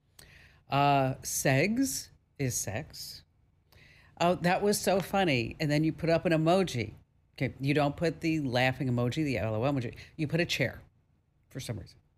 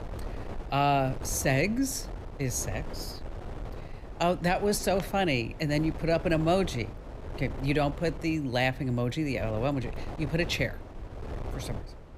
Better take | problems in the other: first | wind noise on the microphone; occasional gusts; 15 dB below the speech

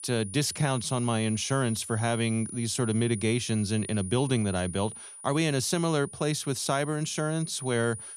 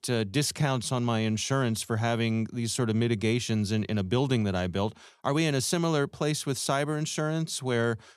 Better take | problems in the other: second | high-pitched whine; noticeable; throughout; 9.5 kHz, 10 dB below the speech

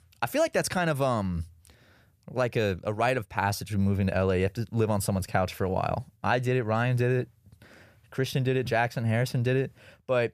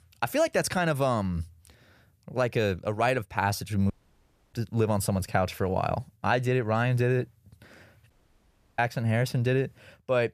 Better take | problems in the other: first | audio cutting out; at 4 s for 0.5 s and at 8 s for 0.5 s

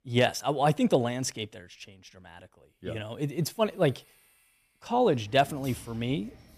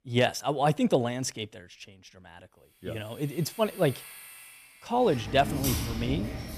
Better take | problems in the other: first | household noises; loud; from 3 s on; 8 dB below the speech; faint in the first

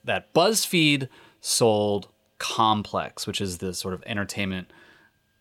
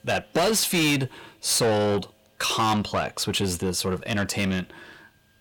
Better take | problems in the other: first | distortion; heavy; 6 dB below the speech

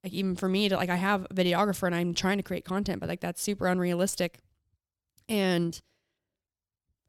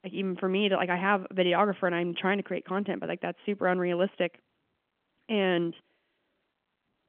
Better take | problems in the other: first | phone-call audio; nothing above 3.5 kHz

